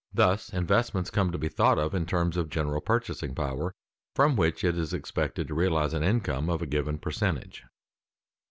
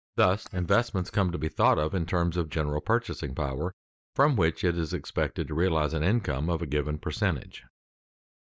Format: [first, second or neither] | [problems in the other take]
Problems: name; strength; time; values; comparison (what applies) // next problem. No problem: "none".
first | noise reduction (neural mask model DeepFilterNet 3)